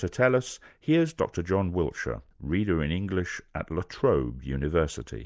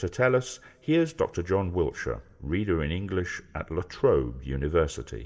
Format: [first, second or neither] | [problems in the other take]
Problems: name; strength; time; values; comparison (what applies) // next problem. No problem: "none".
first | room echo; dies away in 0.5 s